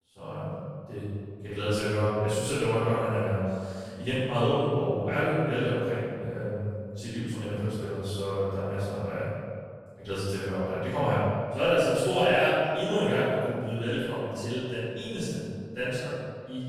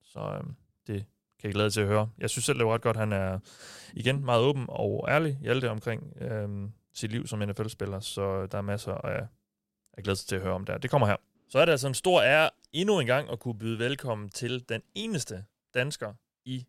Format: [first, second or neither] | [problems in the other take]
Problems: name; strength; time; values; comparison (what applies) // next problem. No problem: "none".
second | off-mic speech; far // room echo; strong; dies away in 1.9 s